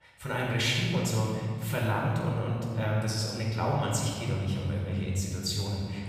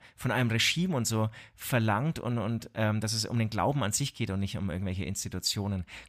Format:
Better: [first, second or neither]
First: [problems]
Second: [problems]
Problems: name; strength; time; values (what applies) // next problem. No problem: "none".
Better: second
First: off-mic speech; far // room echo; noticeable; dies away in 2.3 s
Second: none